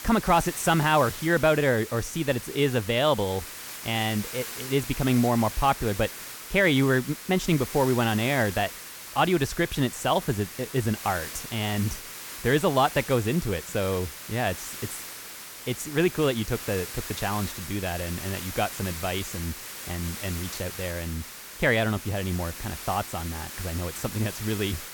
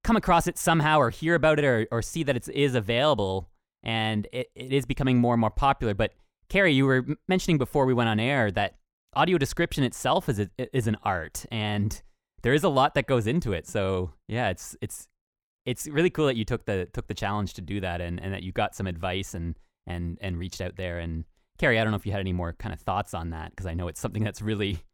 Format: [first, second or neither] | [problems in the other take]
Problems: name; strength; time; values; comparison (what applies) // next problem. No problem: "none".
second | hiss; loud; throughout; 10 dB below the speech